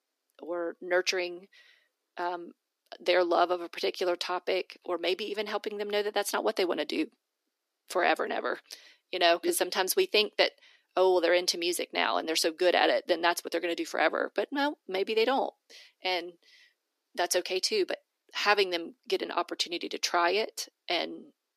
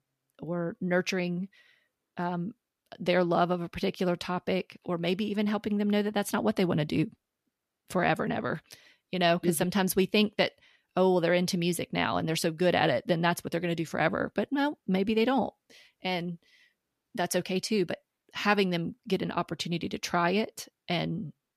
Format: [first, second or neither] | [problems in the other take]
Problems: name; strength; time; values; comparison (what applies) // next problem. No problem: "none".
second | thin; very; fading below 300 Hz